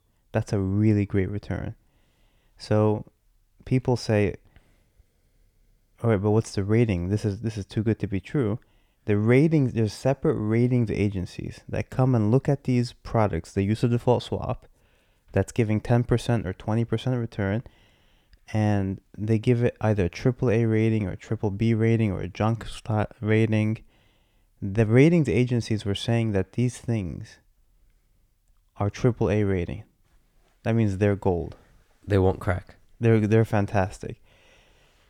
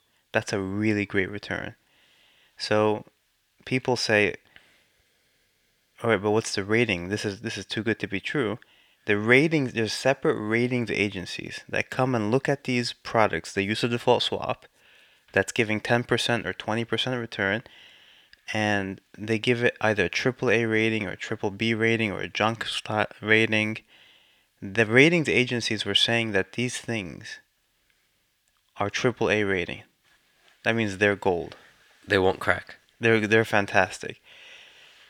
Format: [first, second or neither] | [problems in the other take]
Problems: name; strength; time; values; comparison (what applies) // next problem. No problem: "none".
first | thin; somewhat; fading below 450 Hz